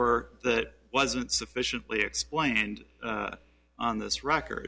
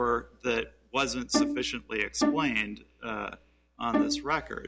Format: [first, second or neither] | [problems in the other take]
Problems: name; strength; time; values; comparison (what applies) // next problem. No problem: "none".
first | background sound (Bowed string instrument); 2 dB above the speech